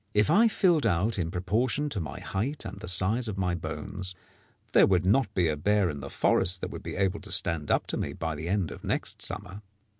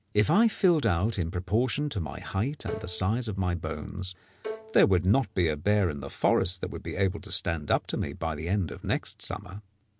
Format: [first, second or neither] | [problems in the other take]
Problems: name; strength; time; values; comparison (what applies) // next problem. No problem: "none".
first | background sound (Bowed string instrument); 14 dB below the speech